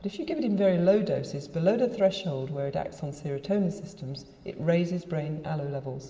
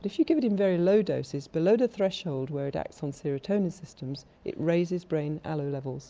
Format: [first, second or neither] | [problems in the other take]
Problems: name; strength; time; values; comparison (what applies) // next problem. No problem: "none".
second | room echo; dies away in 1.9 s